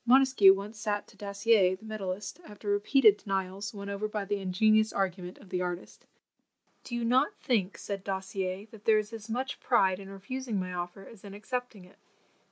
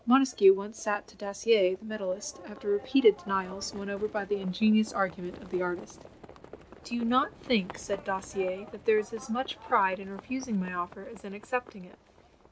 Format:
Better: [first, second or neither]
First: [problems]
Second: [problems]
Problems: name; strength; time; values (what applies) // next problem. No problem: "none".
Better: first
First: none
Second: background sound (Livestock, farm animals, working animals); 19 dB below the speech